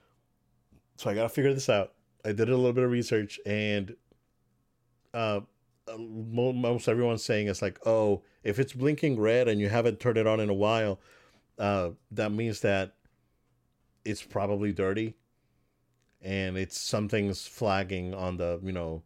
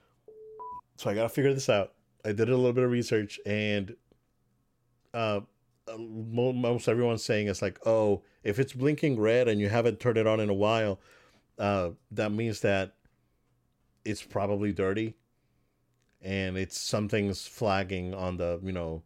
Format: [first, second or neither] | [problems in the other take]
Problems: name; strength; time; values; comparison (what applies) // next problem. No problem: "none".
first | alarm; faint; at 0.5 s; peak 15 dB below the speech